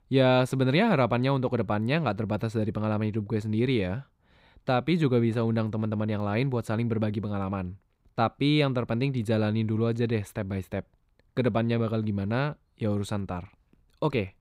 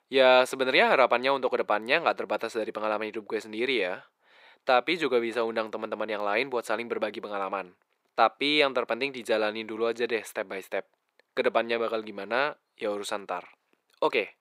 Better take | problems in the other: first | thin; very; fading below 450 Hz

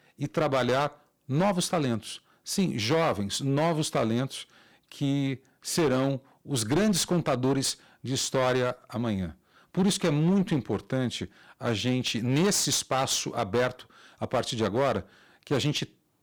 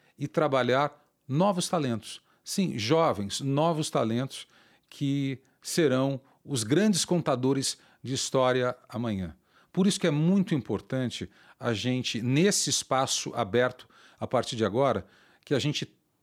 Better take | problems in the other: second | distortion; slight; 11% of the sound clipped

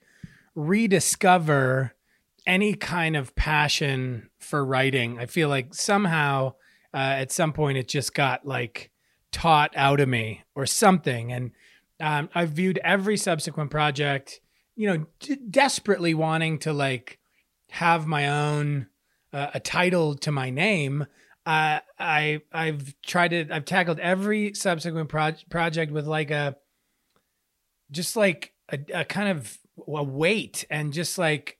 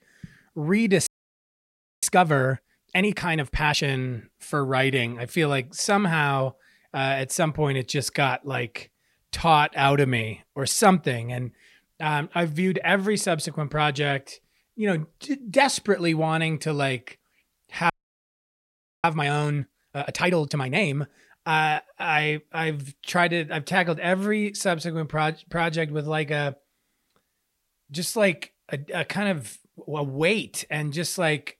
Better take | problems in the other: first | audio freezing; at 1 s for 1 s and at 18 s for 1 s

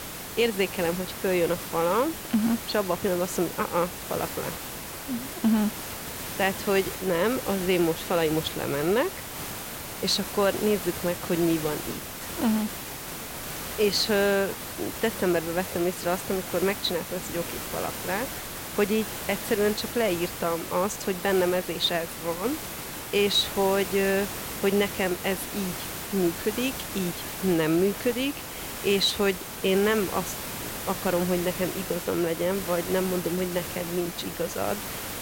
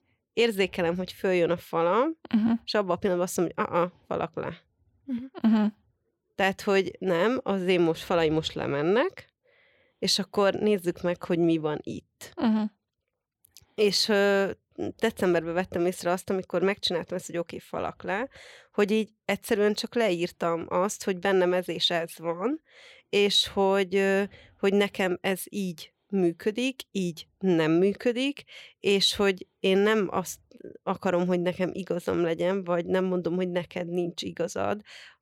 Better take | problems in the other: second | hiss; loud; throughout; 7 dB below the speech

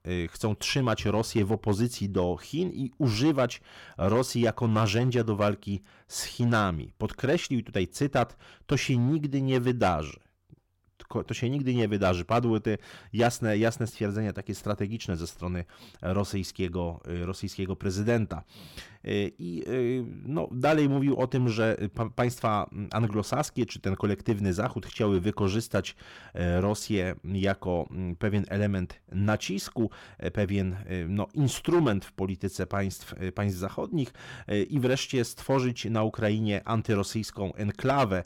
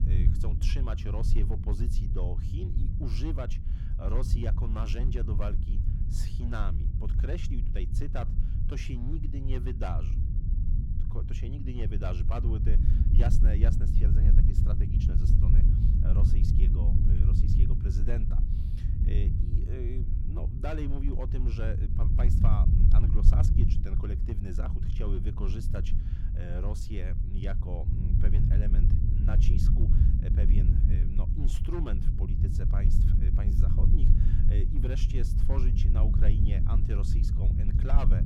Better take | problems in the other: first | low rumble; loud; throughout; 1 dB below the speech

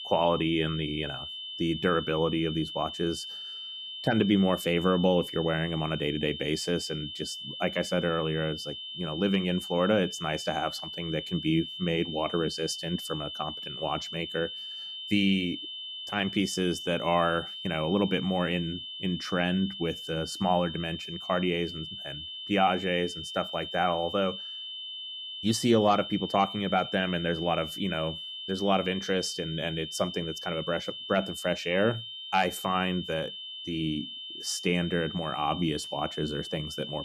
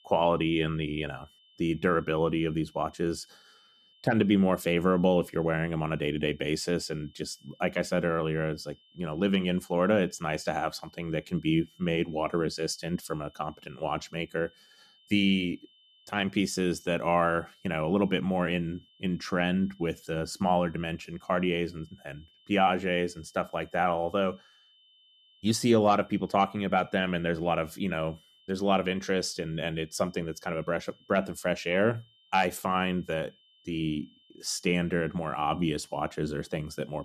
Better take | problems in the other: second | high-pitched whine; loud; throughout; 3 kHz, 7 dB below the speech; faint in the second

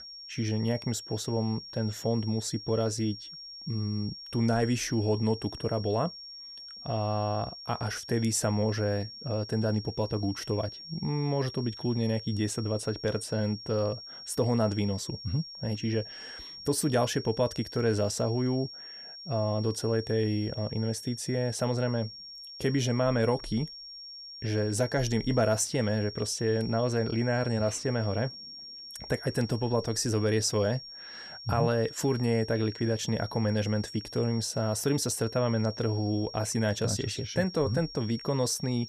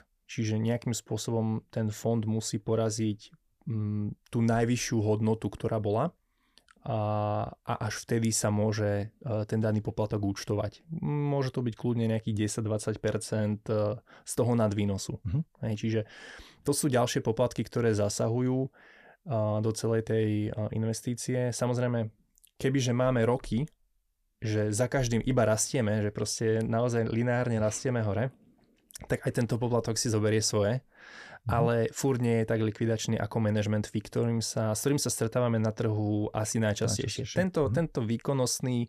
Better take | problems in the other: second | high-pitched whine; noticeable; throughout; 5.5 kHz, 10 dB below the speech

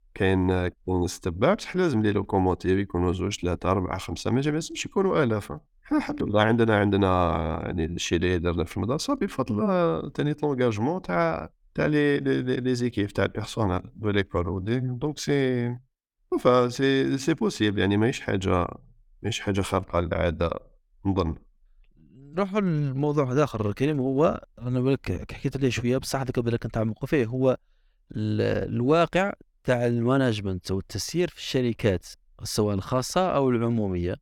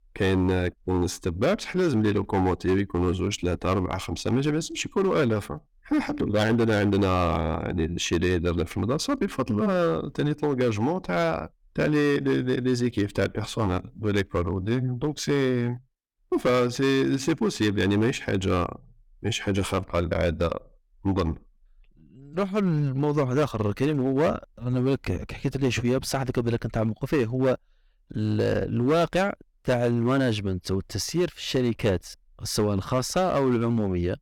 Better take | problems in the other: first | distortion; slight; 6% of the sound clipped

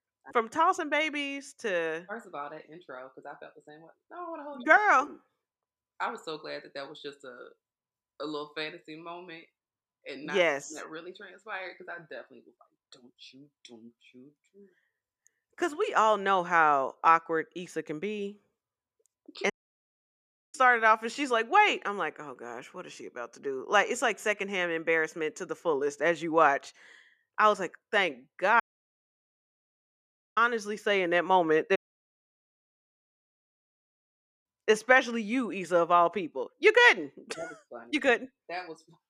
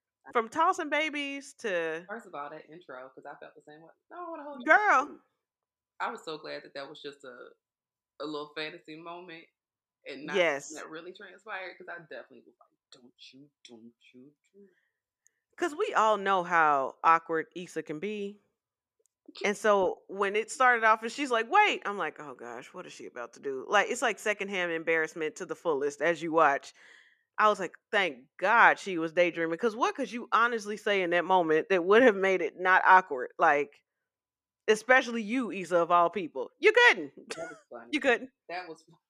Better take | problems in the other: second | audio cutting out; at 20 s for 1 s, at 29 s for 2 s and at 32 s for 2.5 s

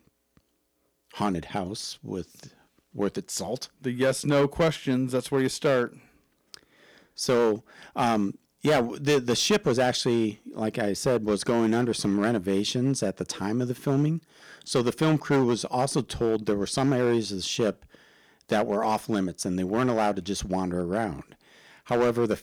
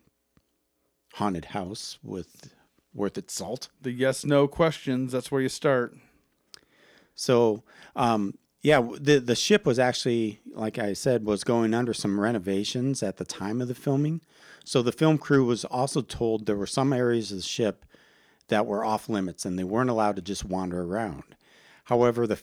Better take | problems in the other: second | distortion; slight; 5% of the sound clipped

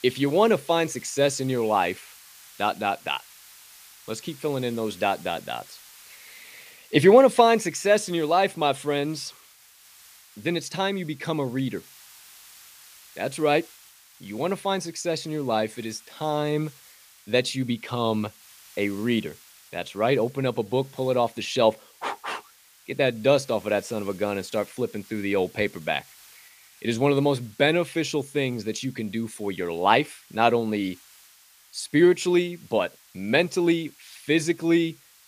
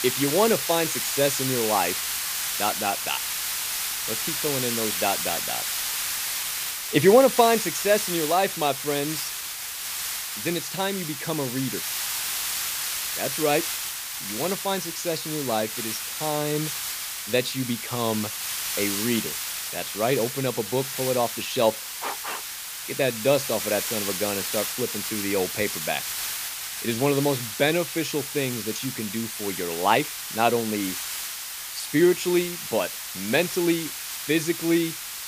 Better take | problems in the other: first | hiss; loud; throughout; 2 dB below the speech; faint in the first

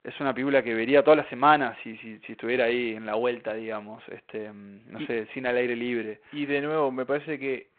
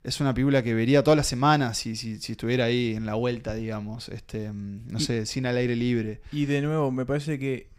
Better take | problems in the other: second | phone-call audio; nothing above 4 kHz

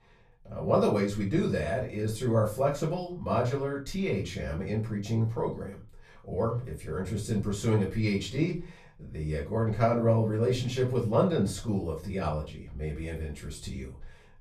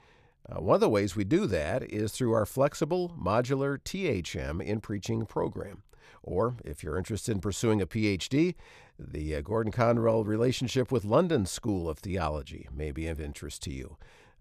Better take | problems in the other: second | off-mic speech; far // room echo; slight; dies away in 0.3 s

